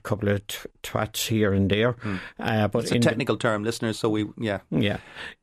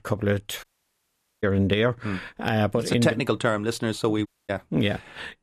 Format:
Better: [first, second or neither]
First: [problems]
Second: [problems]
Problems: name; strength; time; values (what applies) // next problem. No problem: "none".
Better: first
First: none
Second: audio cutting out; at 0.5 s for 1 s and at 4.5 s